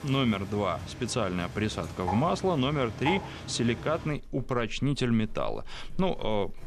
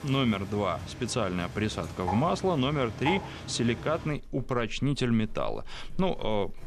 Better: neither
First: animal sounds; noticeable; throughout; 10 dB below the speech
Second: animal sounds; noticeable; throughout; 10 dB below the speech

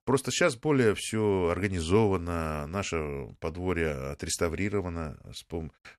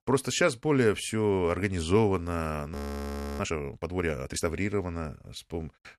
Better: first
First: none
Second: audio freezing; at 3 s for 0.5 s

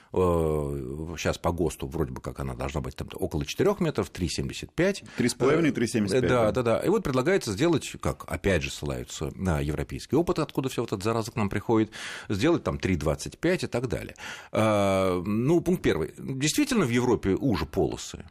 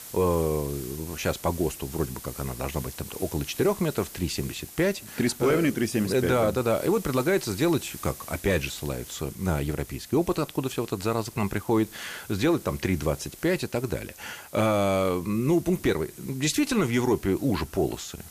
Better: first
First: none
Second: hiss; noticeable; throughout; 15 dB below the speech

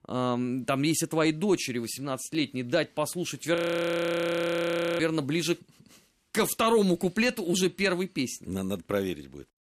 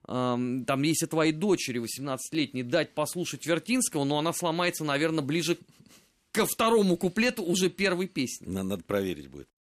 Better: second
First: audio freezing; at 3.5 s for 1.5 s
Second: none

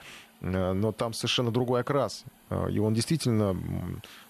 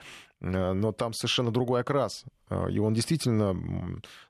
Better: second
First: hiss; faint; throughout; 25 dB below the speech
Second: none

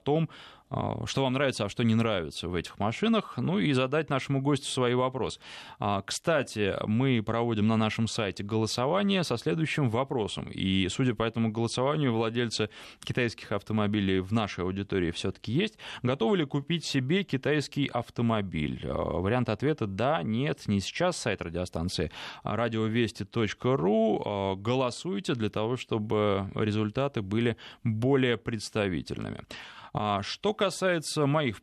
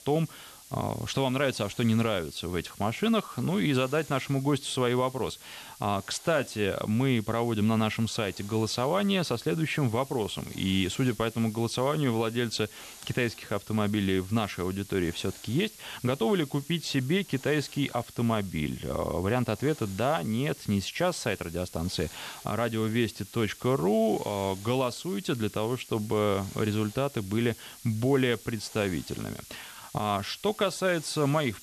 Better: first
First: none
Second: hiss; noticeable; throughout; 15 dB below the speech

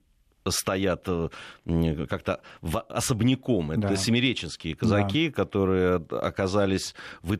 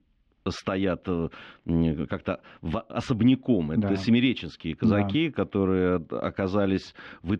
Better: first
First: none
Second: muffled; slightly; fading above 3.5 kHz

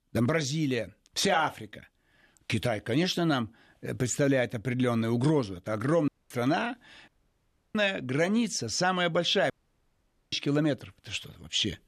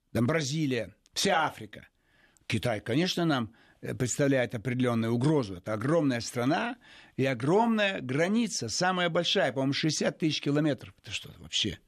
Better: second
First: audio cutting out; at 6 s, at 7 s for 0.5 s and at 9.5 s for 1 s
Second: none

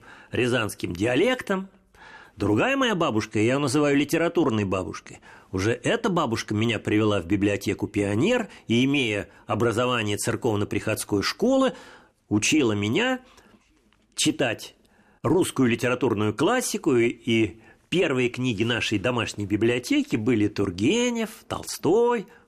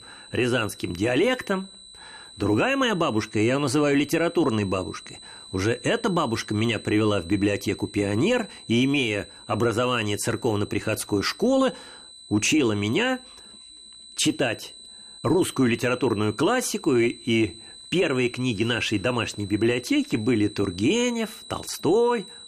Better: first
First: none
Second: high-pitched whine; noticeable; throughout; 4 kHz, 20 dB below the speech

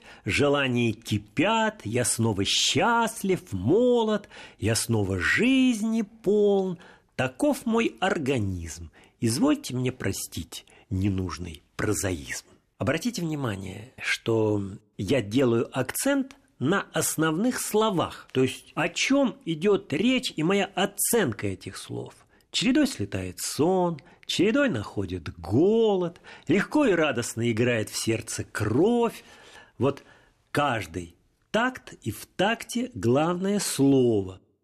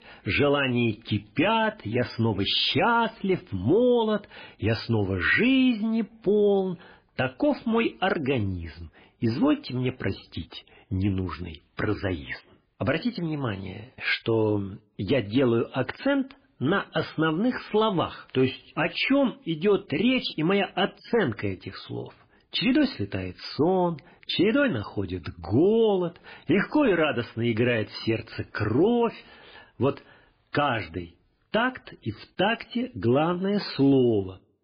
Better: first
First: none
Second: garbled, watery; badly; nothing above 5 kHz

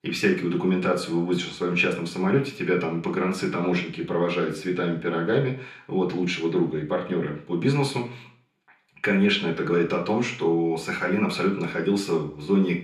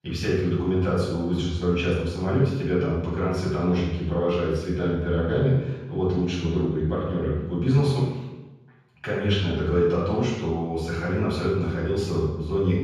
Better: first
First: room echo; slight; dies away in 0.4 s // off-mic speech; far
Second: room echo; strong; dies away in 1.3 s // off-mic speech; far

